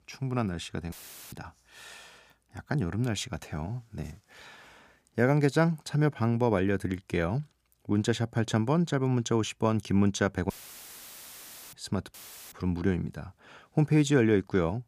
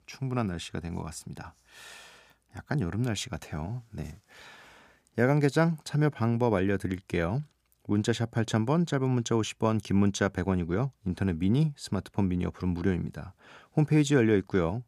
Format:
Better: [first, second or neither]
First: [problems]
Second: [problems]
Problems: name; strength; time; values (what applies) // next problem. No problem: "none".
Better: second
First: audio cutting out; filled with static; at 1 s, at 11 s for 1 s and at 12 s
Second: none